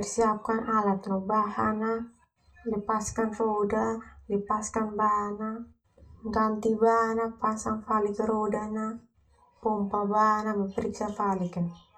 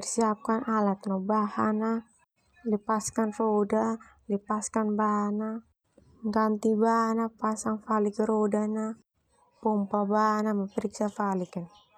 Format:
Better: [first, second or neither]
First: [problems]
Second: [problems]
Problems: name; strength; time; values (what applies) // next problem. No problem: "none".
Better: second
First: room echo; dies away in 0.2 s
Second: none